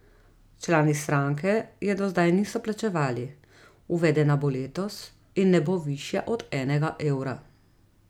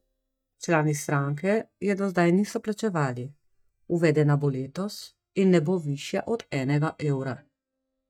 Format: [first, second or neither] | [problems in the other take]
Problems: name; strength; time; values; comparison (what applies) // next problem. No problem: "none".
first | noise reduction (neural mask model DeepFilterNet 3)